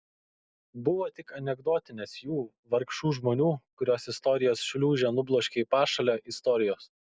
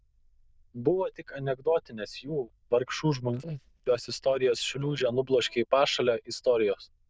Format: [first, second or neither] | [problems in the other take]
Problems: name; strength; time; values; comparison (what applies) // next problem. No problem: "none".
first | noise reduction (neural diffusion model UNIVERSE++)